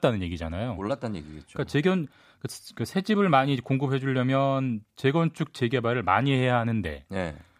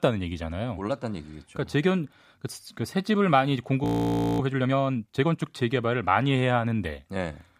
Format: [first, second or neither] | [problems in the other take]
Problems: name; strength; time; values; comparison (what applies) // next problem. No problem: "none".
first | audio freezing; at 4 s for 0.5 s